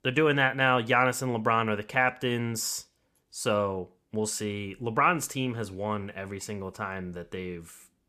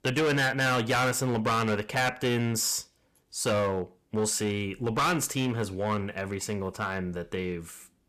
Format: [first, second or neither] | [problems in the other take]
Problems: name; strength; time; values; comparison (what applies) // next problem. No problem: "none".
first | distortion; heavy; 12% of the sound clipped